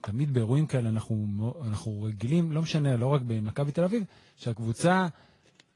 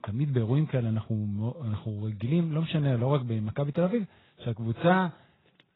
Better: first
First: garbled, watery; slightly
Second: garbled, watery; badly; nothing above 4 kHz

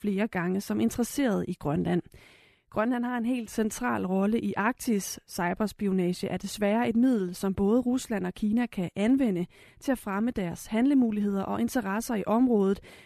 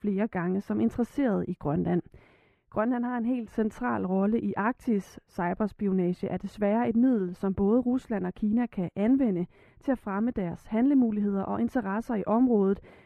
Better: first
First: none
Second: muffled; very; fading above 2.5 kHz

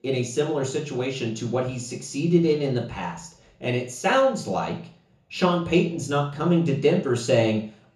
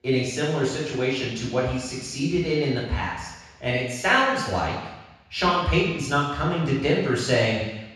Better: first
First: room echo; slight; dies away in 0.7 s // off-mic speech; far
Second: room echo; strong; dies away in 1.1 s // off-mic speech; far

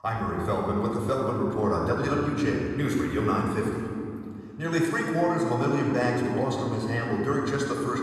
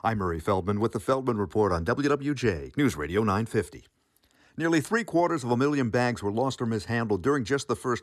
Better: second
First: off-mic speech; far // room echo; noticeable; dies away in 2.1 s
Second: none

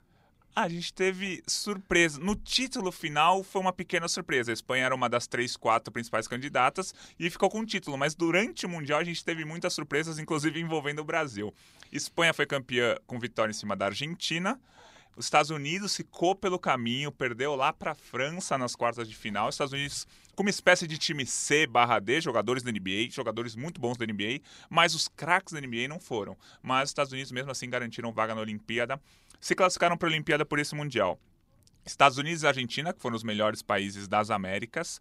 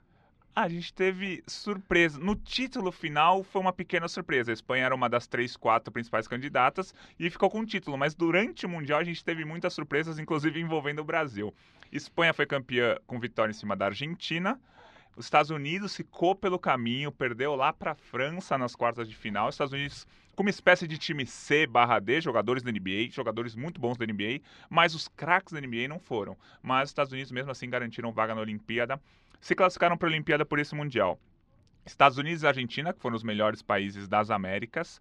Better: first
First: none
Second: muffled; slightly; fading above 3 kHz

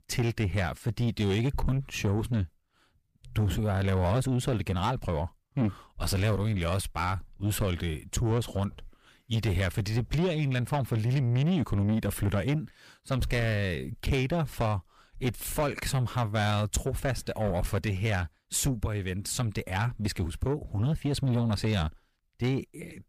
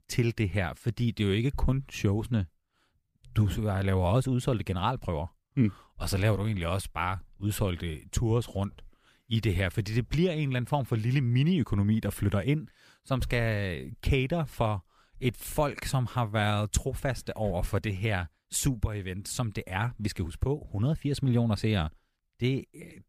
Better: second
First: distortion; slight; 10 dB below the speech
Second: none

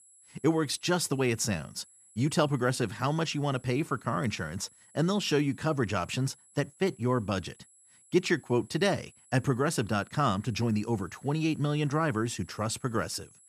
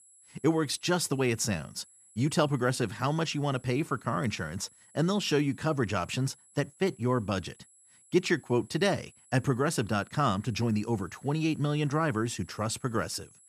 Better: neither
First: high-pitched whine; faint; throughout; 10.5 kHz, 25 dB below the speech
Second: high-pitched whine; faint; throughout; 10.5 kHz, 25 dB below the speech

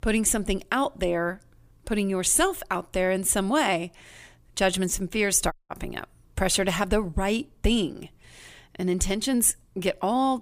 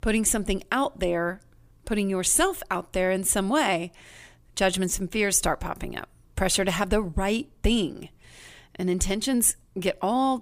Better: second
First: audio cutting out; at 5.5 s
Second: none

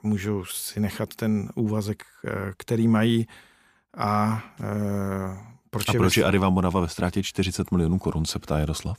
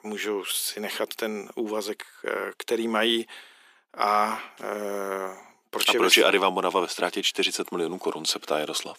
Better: first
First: none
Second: thin; very; fading below 350 Hz

